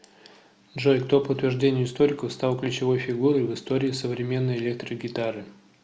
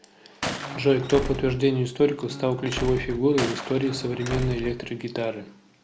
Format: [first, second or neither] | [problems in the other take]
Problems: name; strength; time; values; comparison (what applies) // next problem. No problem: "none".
first | background sound (Slam + Gunshot, gunfire); 9 dB below the speech